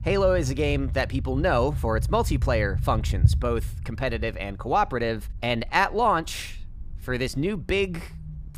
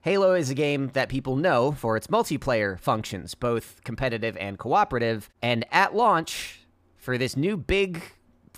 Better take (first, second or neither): second